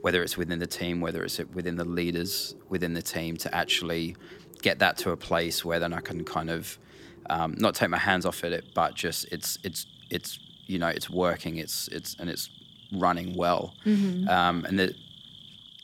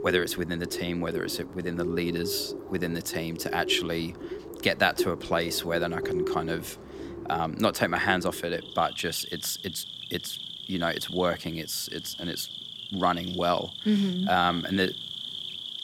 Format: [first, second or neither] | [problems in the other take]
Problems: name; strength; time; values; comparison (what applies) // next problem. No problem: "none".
first | animal sounds; loud; throughout; 8 dB below the speech; faint in the first